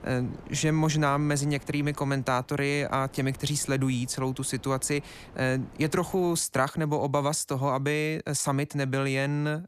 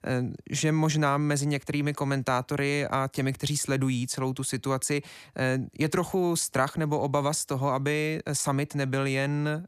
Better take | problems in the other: second | wind noise on the microphone; occasional gusts; until 6.5 s; 25 dB below the speech

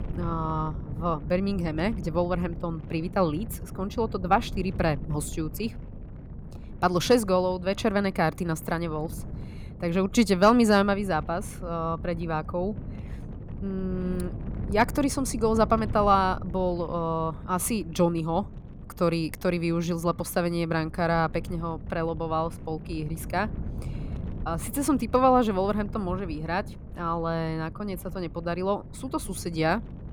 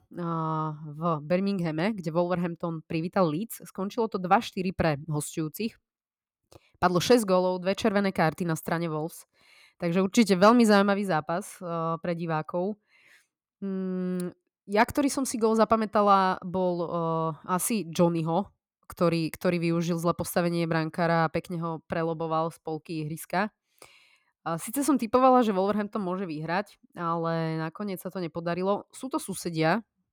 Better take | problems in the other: second | wind noise on the microphone; occasional gusts; 20 dB below the speech

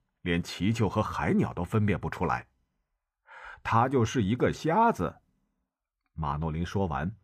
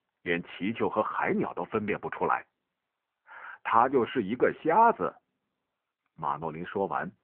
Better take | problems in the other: first | phone-call audio

